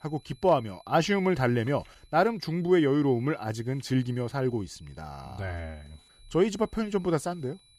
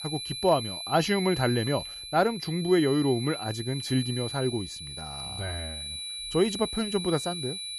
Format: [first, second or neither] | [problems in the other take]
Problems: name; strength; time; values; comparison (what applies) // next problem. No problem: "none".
first | high-pitched whine; loud; throughout; 4 kHz, 7 dB below the speech; faint in the first